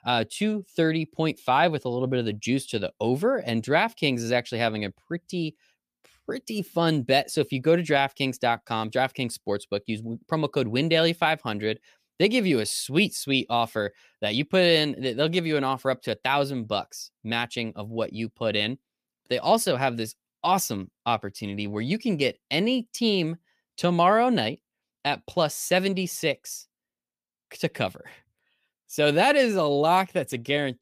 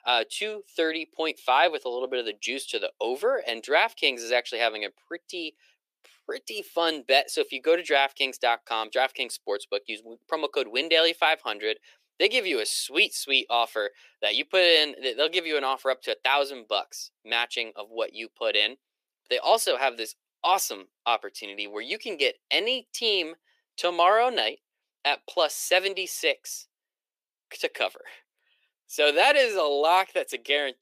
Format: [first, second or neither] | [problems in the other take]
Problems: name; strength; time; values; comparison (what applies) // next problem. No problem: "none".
first | thin; very; fading below 350 Hz